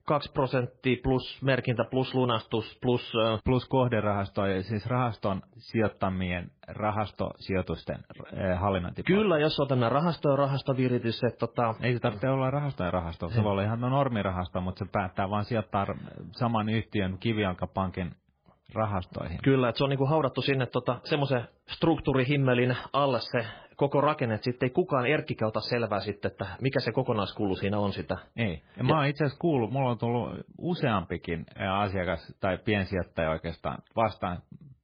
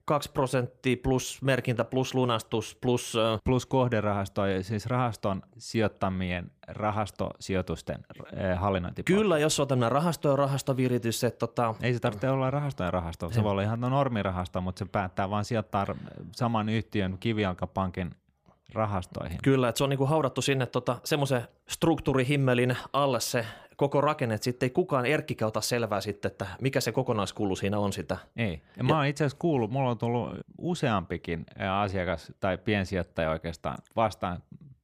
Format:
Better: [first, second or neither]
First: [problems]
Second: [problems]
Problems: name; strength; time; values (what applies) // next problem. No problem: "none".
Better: second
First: garbled, watery; badly; nothing above 5 kHz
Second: none